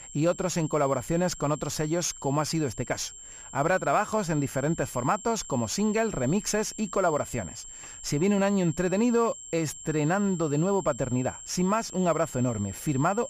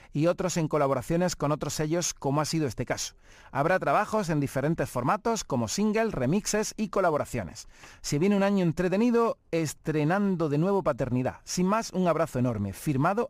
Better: second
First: high-pitched whine; noticeable; throughout; 7.5 kHz, 15 dB below the speech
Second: none

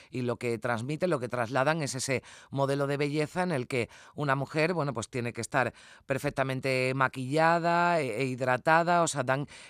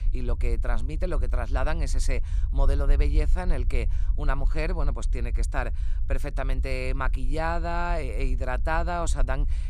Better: first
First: none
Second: low rumble; noticeable; throughout; 20 dB below the speech

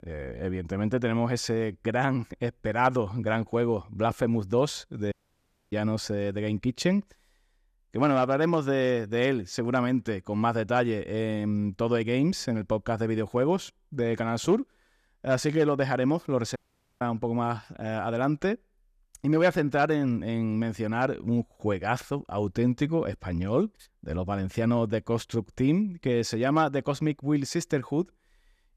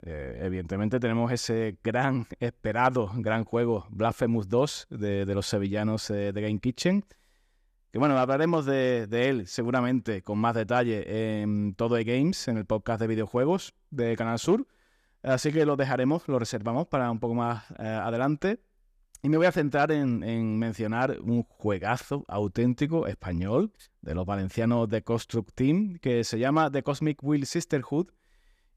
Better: second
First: audio cutting out; at 5 s for 0.5 s and at 17 s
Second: none

